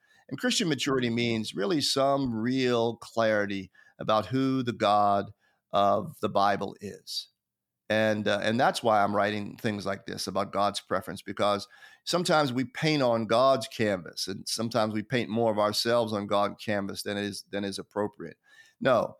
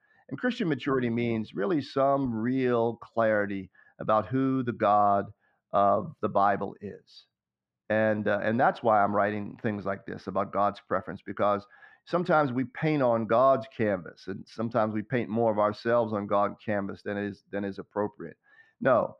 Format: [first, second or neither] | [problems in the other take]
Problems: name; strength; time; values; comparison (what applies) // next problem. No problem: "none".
first | muffled; very; fading above 1.5 kHz